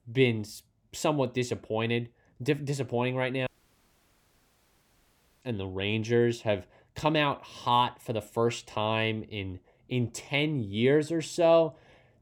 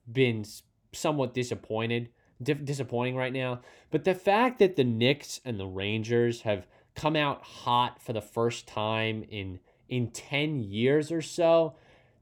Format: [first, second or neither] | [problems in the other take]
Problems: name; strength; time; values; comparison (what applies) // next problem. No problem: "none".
second | audio cutting out; at 3.5 s for 2 s